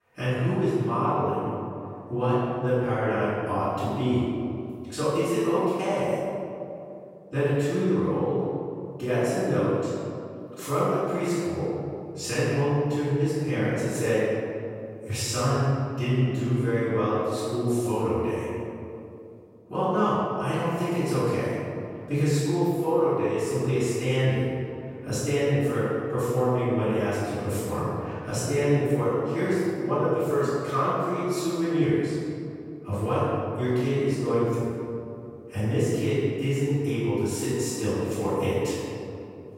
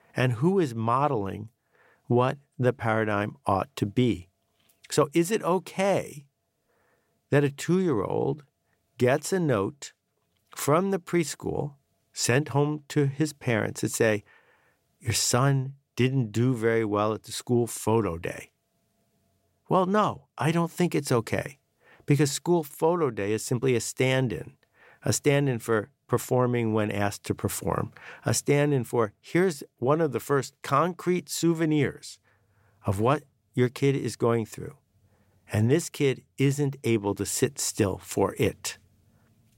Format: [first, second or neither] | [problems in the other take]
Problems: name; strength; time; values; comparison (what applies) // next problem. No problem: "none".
second | off-mic speech; far // room echo; strong; dies away in 2.4 s